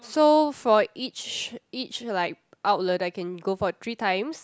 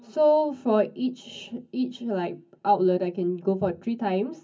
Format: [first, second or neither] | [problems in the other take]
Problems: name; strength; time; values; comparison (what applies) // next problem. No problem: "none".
first | room echo; dies away in 0.3 s